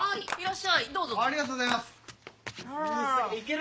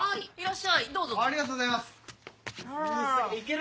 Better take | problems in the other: second | background sound (Clapping); 7 dB below the speech

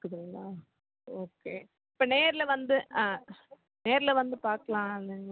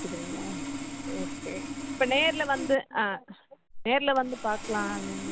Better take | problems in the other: first | background sound (Sawing); 7 dB below the speech

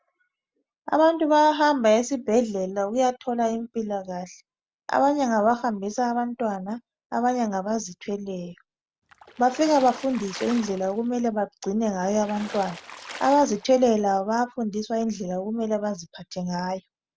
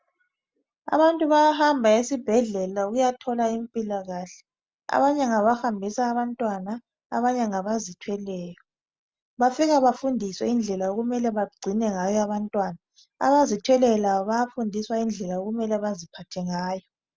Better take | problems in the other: second | background sound (Water / Splash, splatter); 17 dB below the speech

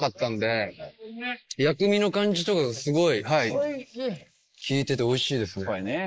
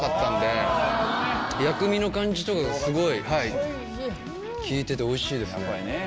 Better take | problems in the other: second | noise reduction (neural mask model Resemble Enhance denoiser)

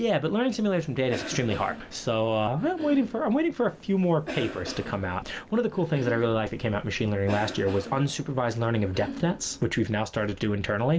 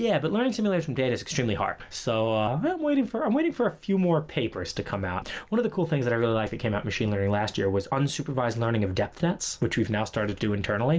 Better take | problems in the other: second | background sound (Cough); 14 dB below the speech

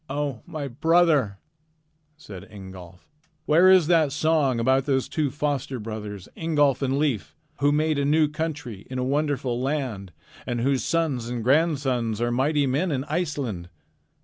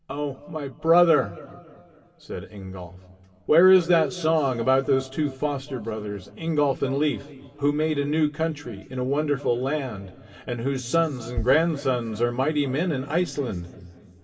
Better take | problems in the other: first | background sound (Bass drum); 11 dB below the speech // room echo; dies away in 2.3 s

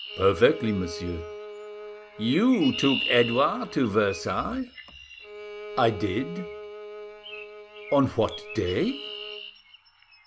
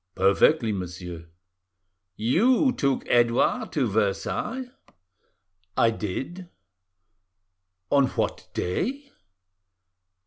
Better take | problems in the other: second | background sound (Bowed string instrument + Chirp, tweet); 10 dB below the speech

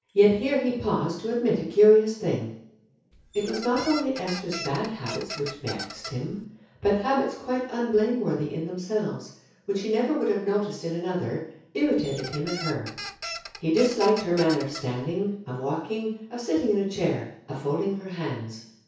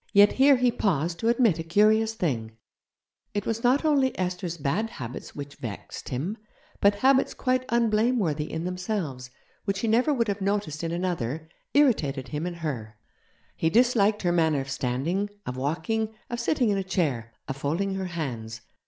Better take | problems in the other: second | background sound (Squeak); 12 dB below the speech // room echo; dies away in 0.6 s

